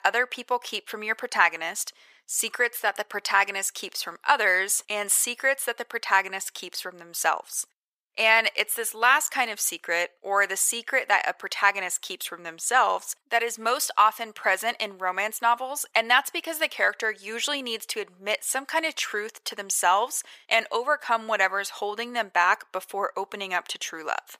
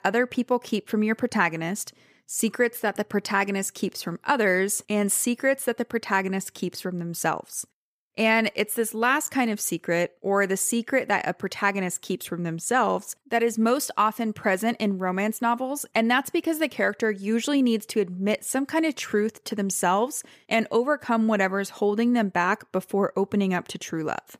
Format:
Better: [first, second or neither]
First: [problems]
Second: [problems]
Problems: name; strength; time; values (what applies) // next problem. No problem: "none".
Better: second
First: thin; very; fading below 850 Hz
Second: none